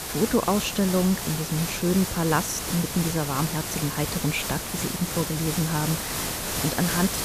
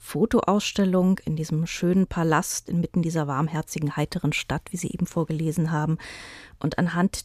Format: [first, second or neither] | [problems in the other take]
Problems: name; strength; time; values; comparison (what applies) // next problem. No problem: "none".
second | hiss; loud; throughout; 3 dB below the speech